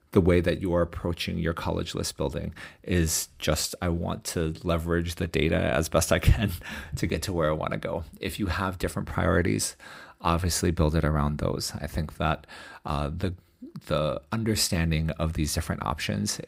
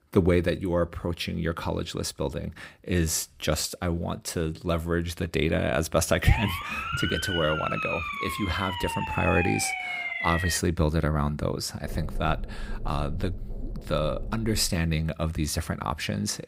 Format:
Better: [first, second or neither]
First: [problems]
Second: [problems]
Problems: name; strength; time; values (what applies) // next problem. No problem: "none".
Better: first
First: none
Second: siren; noticeable; from 6 to 11 s; peak level with the speech // door banging; faint; from 12 to 15 s; peak 10 dB below the speech